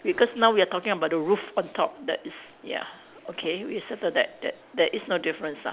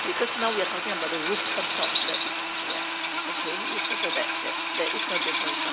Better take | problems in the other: first | background sound (Drill); 5 dB above the speech

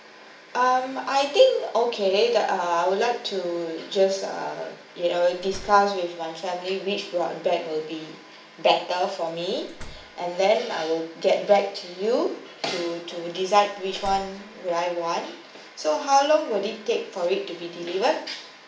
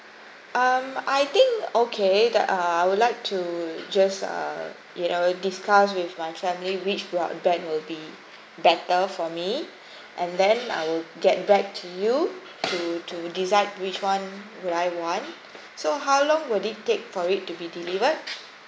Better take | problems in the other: second | background sound (Slam); 18 dB below the speech // room echo; dies away in 0.4 s

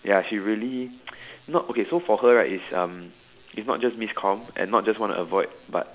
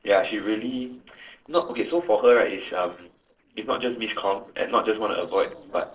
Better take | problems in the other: first | noise reduction (neural separator model SepFormer DNS4)

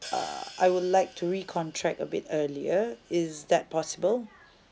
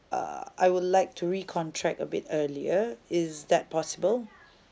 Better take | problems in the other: second | background sound (Hi-hat); 19 dB below the speech

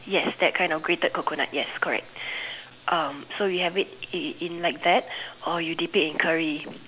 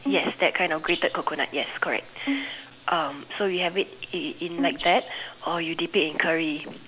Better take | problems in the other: first | background sound (Bowed string instrument + Rattle (instrument)); 10 dB below the speech

